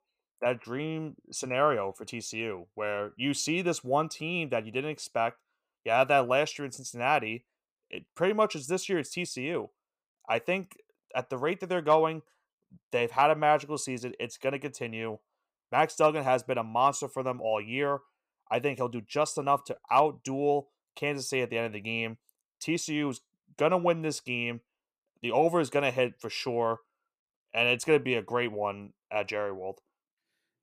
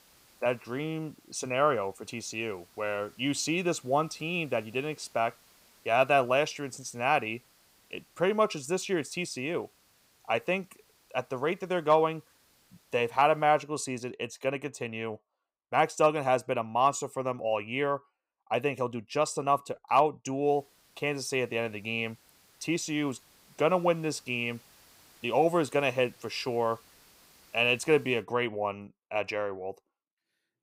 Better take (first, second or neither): first